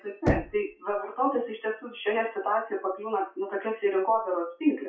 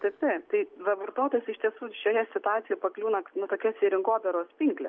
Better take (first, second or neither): second